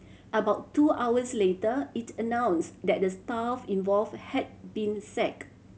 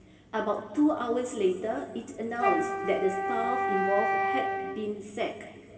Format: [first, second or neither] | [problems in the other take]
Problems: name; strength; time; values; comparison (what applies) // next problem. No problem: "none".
first | background sound (Wind instrument, woodwind instrument); as loud as the speech // room echo; dies away in 2.3 s